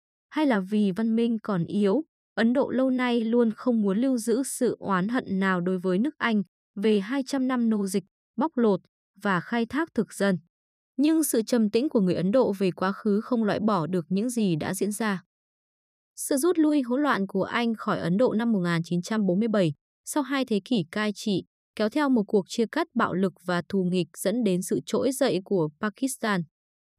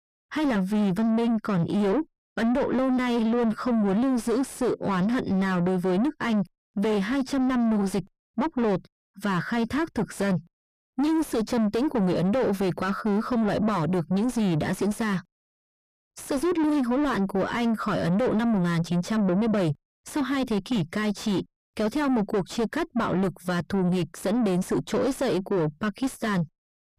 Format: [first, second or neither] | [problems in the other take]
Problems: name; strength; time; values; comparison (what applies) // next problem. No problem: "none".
first | distortion; heavy; 7 dB below the speech